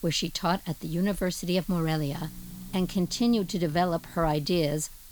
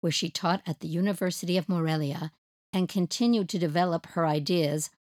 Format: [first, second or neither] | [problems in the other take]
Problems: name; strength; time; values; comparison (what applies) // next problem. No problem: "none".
second | hiss; noticeable; throughout; 15 dB below the speech